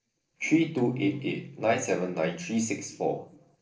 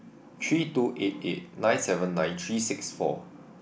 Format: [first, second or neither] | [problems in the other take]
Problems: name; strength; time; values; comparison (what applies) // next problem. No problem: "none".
second | noise reduction (neural separator model SepFormer DNS4)